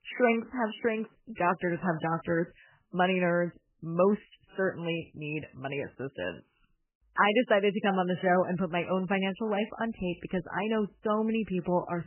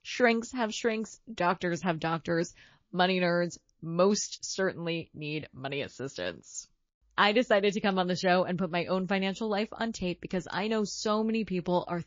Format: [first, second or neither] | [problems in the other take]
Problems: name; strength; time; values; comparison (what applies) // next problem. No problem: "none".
second | garbled, watery; badly; nothing above 3 kHz; slightly in the second